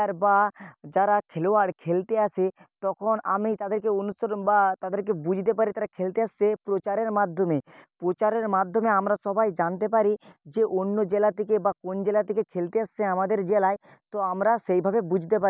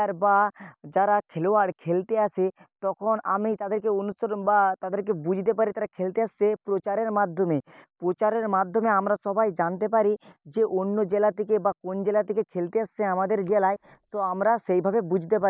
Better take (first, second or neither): first